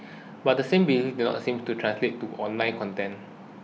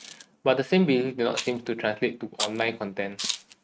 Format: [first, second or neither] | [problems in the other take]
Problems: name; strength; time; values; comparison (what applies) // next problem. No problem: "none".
first | noise reduction (neural mask model RNNoise)